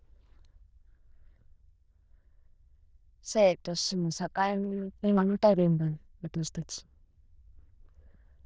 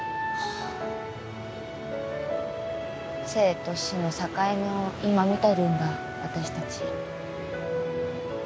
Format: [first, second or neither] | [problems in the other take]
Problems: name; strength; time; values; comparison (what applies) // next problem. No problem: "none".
second | noise reduction (neural diffusion model UNIVERSE++)